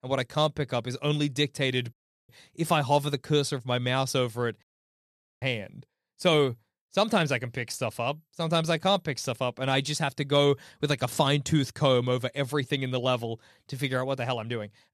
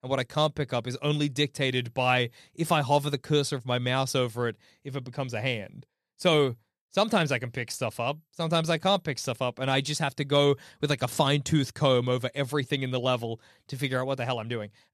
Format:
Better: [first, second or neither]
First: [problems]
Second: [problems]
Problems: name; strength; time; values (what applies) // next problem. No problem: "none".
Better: second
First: audio cutting out; at 2 s and at 4.5 s for 1 s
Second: none